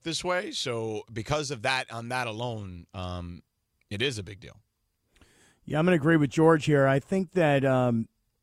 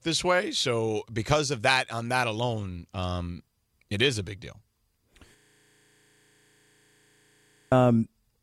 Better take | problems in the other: first | audio freezing; at 5.5 s for 2.5 s

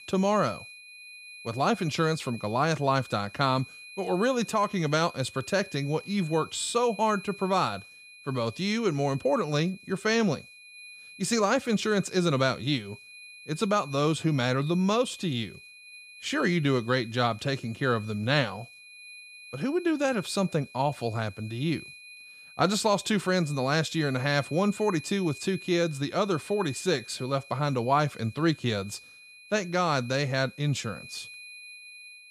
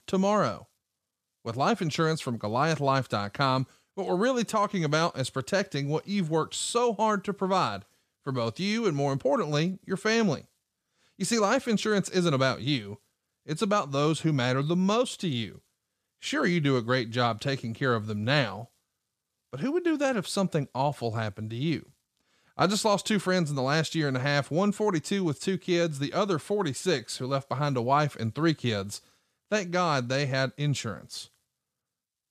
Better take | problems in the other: second | high-pitched whine; noticeable; throughout; 2.5 kHz, 20 dB below the speech

